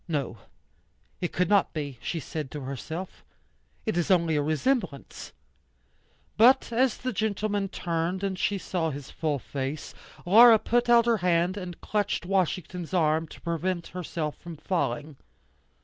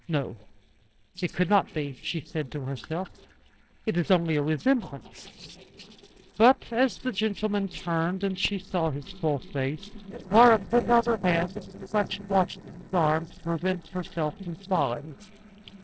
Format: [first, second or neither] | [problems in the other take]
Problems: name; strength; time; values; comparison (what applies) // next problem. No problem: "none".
first | noise reduction (neural separator model SepFormer DNS4)